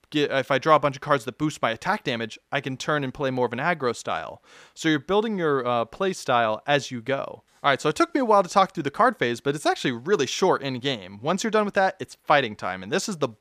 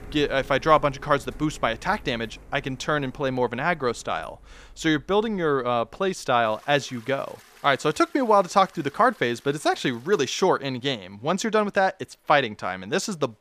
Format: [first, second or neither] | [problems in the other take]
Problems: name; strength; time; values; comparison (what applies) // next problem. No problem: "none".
first | household noises; faint; throughout; 25 dB below the speech